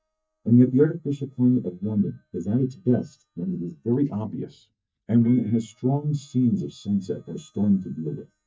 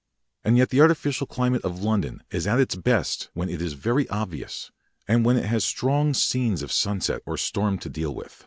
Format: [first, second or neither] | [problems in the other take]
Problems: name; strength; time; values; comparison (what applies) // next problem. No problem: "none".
second | noise reduction (neural mask model DeepFilterNet 3)